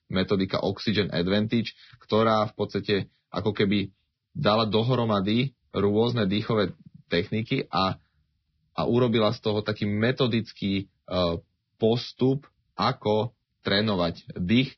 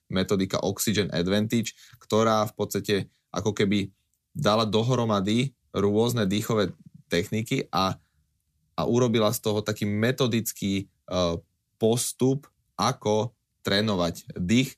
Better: second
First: garbled, watery; badly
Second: none

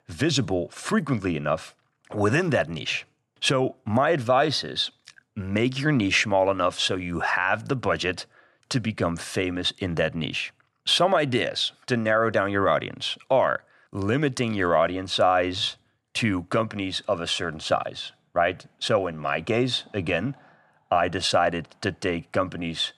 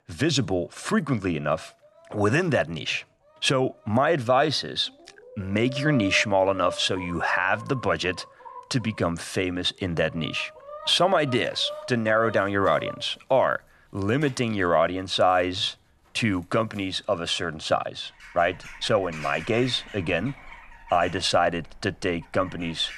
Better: first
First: none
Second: animal sounds; noticeable; throughout; 15 dB below the speech

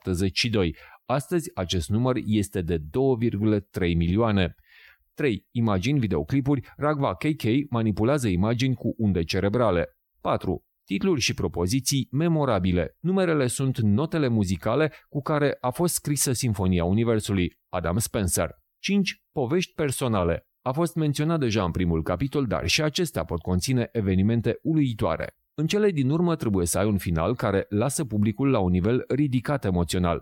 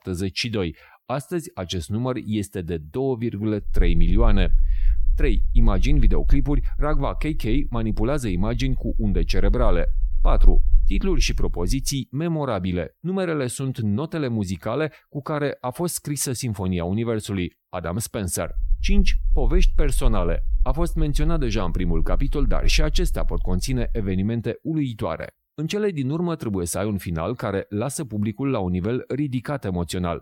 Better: first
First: none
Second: low rumble; faint; from 3.5 to 12 s and from 19 to 24 s; 25 dB below the speech

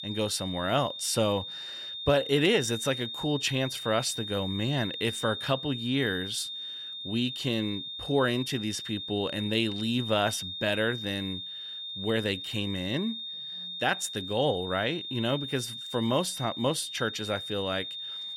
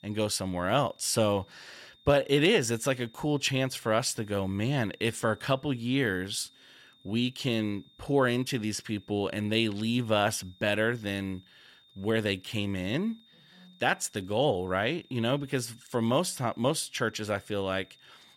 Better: second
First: high-pitched whine; loud; throughout; 3.5 kHz, 6 dB below the speech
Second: high-pitched whine; faint; throughout; 3.5 kHz, 30 dB below the speech

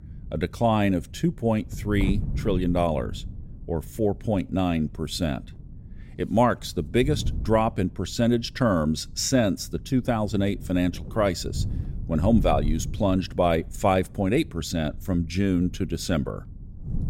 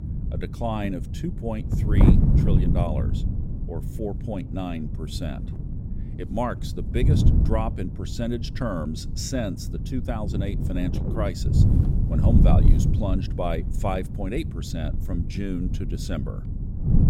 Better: first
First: wind noise on the microphone; occasional gusts; 20 dB below the speech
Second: wind noise on the microphone; heavy; 4 dB below the speech

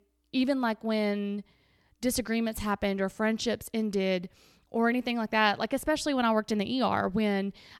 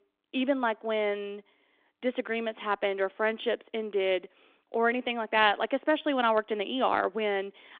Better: first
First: none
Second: phone-call audio

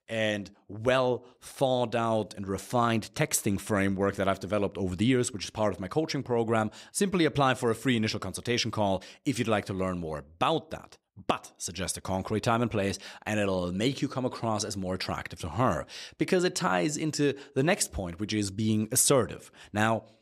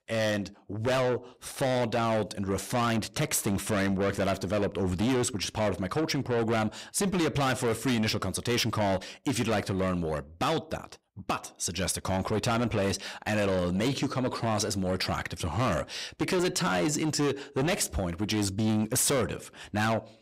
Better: first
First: none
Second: distortion; heavy; 7 dB below the speech

